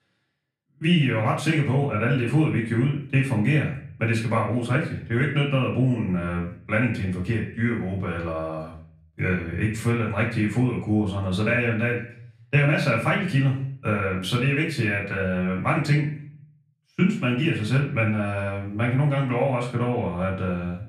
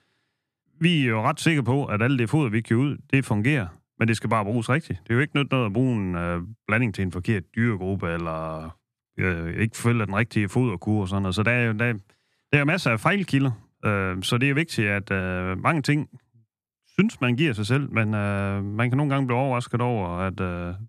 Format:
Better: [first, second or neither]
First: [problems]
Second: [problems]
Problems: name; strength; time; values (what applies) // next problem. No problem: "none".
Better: second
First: room echo; slight; dies away in 0.5 s // off-mic speech; far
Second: none